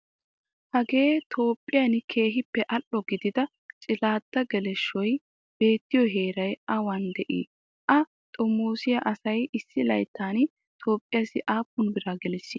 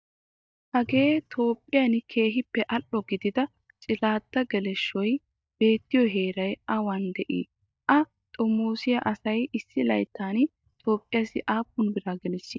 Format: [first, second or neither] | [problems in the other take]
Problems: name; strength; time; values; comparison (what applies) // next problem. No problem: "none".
first | noise reduction (neural mask model DeepFilterNet 3)